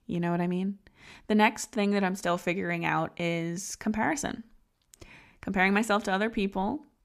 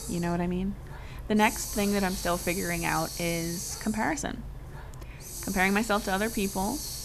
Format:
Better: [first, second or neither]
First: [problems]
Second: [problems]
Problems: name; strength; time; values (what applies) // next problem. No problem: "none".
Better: first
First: none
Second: hiss; loud; throughout; 8 dB below the speech